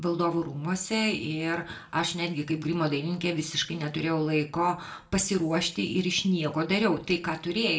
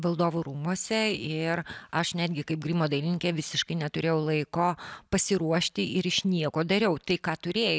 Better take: second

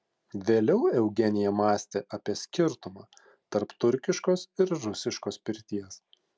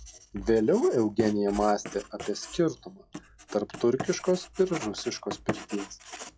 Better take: first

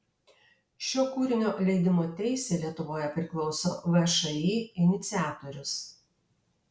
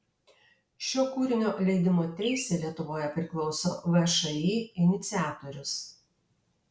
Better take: first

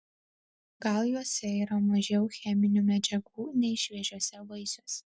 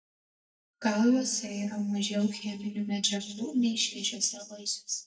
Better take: first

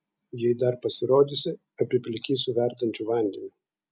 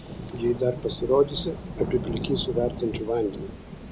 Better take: first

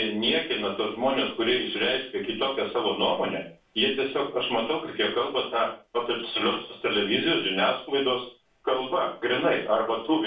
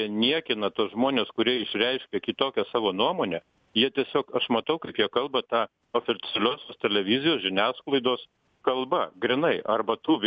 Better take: second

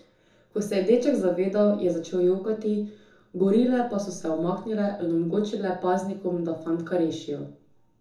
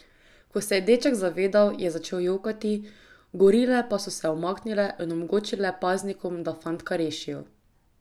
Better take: second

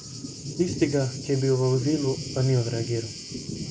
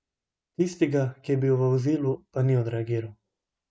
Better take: second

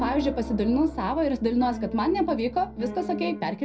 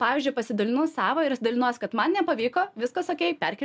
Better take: second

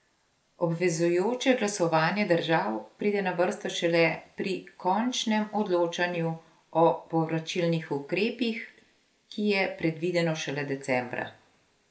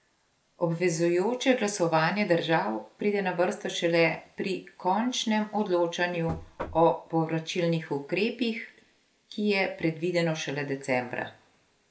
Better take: first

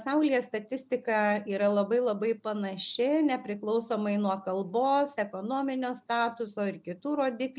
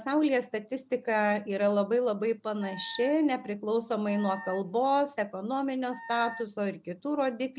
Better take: first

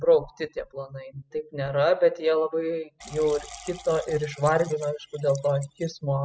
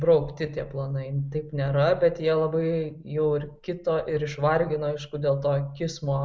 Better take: second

